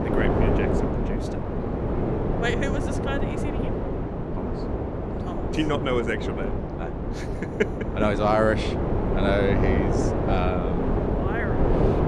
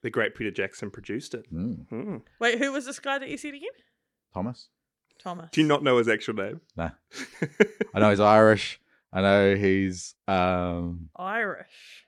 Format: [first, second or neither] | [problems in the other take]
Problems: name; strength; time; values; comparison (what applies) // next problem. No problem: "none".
second | wind noise on the microphone; heavy; 2 dB below the speech